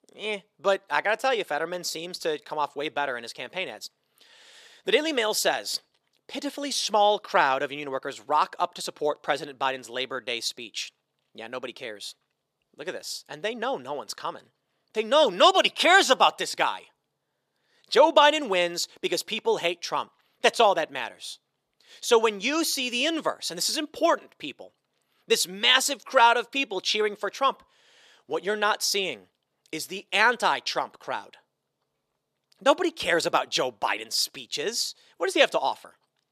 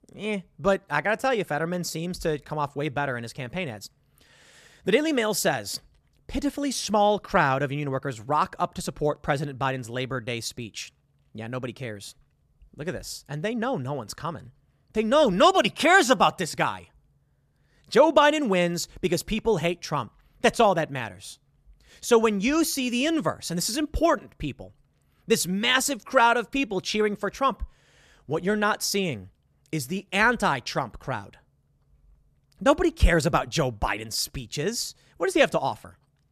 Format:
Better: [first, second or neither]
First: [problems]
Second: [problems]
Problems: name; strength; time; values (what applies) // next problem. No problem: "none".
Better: second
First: thin; somewhat; fading below 400 Hz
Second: none